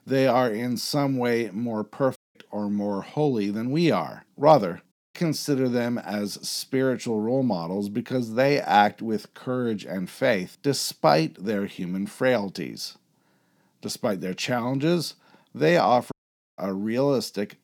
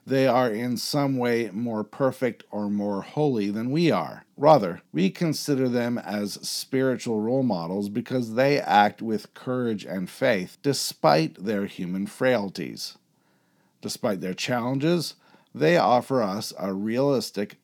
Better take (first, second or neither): second